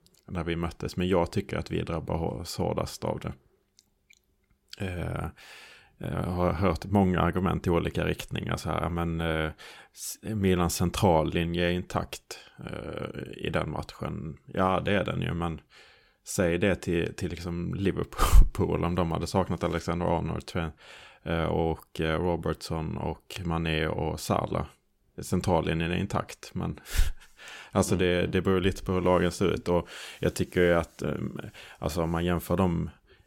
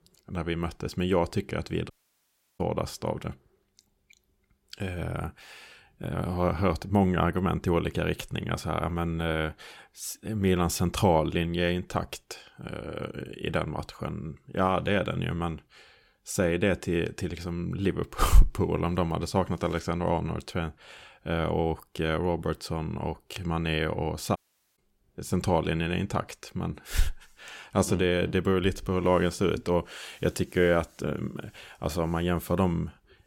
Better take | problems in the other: first | audio cutting out; at 2 s for 0.5 s and at 24 s

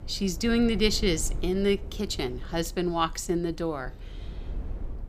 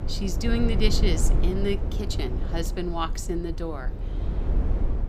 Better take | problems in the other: first | low rumble; loud; throughout; 8 dB below the speech; faint in the first

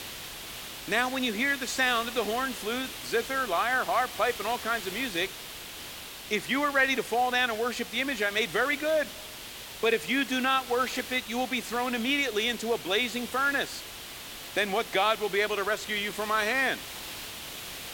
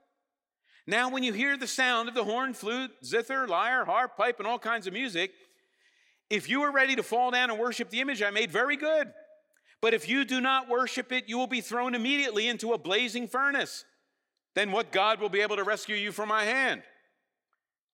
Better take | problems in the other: second | hiss; noticeable; throughout; 10 dB below the speech

